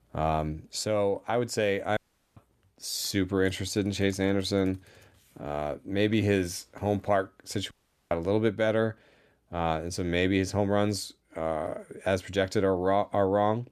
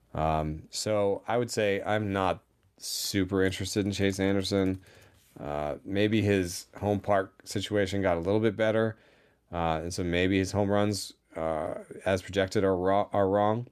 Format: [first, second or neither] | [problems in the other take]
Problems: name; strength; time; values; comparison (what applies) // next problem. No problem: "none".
second | audio cutting out; at 2 s and at 7.5 s